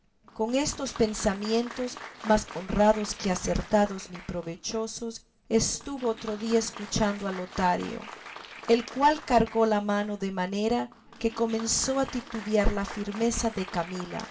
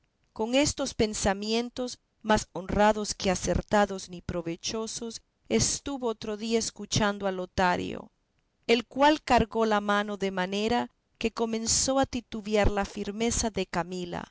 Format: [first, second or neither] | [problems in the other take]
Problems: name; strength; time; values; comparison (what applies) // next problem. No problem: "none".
second | background sound (Applause); 17 dB below the speech // room echo; dies away in 0.2 s